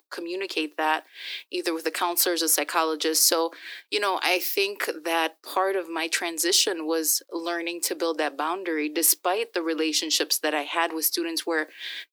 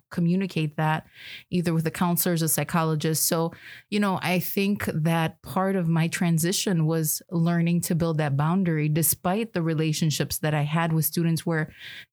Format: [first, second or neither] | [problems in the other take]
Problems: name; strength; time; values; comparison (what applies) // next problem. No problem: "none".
second | thin; very; fading below 300 Hz